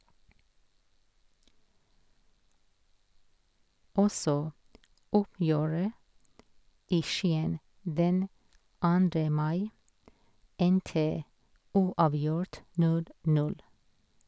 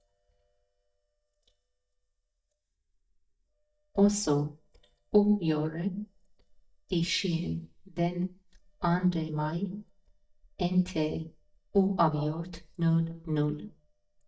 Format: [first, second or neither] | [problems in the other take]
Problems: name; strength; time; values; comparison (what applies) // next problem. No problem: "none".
first | noise reduction (neural mask model DeepFilterNet 3)